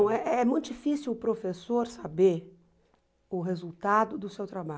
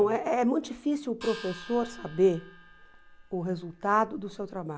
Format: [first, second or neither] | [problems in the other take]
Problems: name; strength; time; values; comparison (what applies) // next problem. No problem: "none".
first | background sound (Gong); 18 dB below the speech